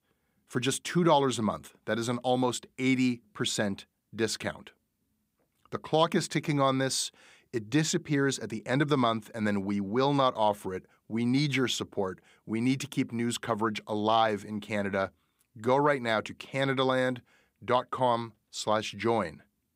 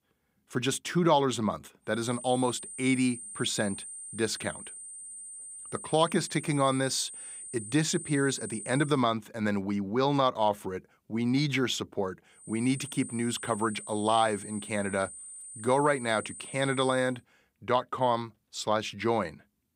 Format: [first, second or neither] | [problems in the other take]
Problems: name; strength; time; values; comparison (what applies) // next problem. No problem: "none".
first | high-pitched whine; noticeable; from 2 to 9 s and from 12 to 17 s; 9 kHz, 10 dB below the speech